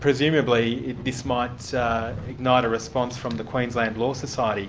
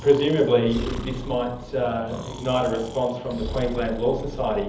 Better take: first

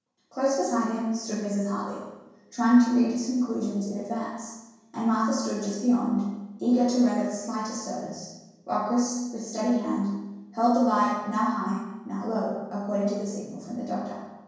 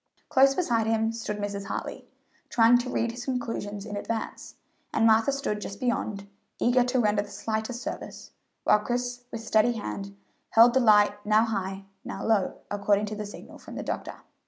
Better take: second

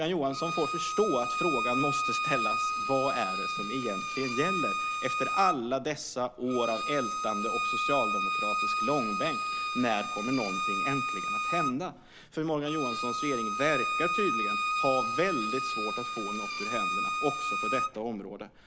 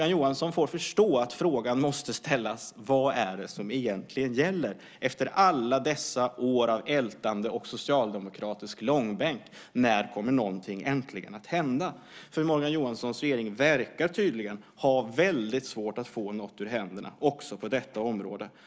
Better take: second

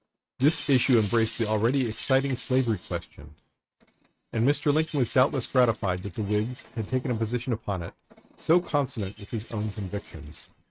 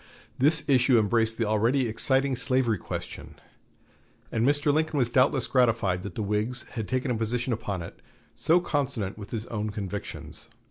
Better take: second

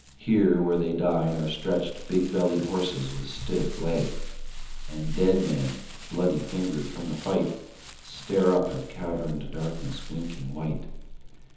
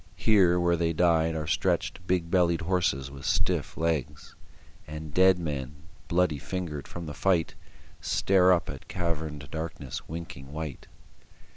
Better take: second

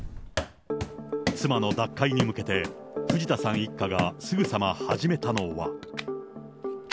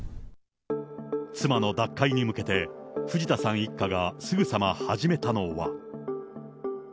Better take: second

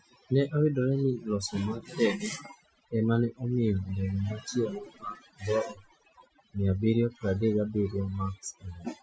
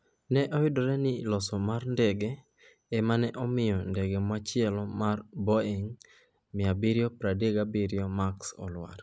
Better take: second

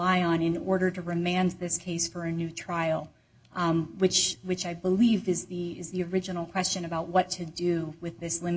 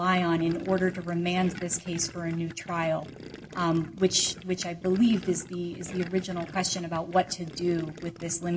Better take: first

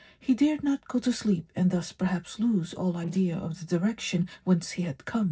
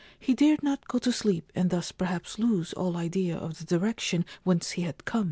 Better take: second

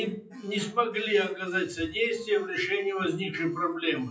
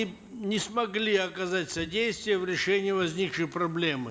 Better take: second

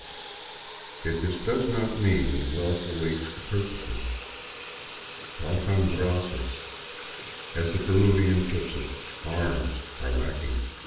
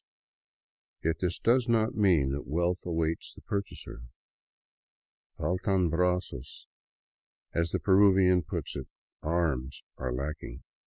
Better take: second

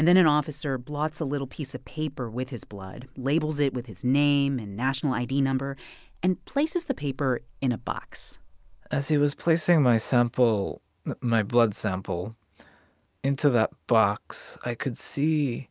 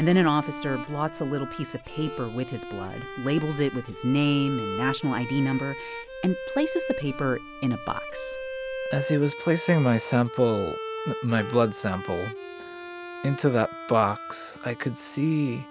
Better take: first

